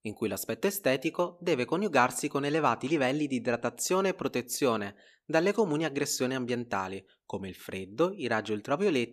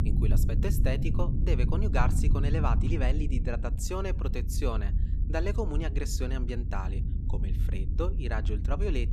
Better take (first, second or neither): first